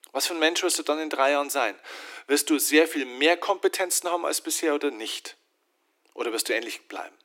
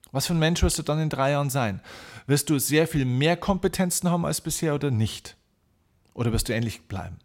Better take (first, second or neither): second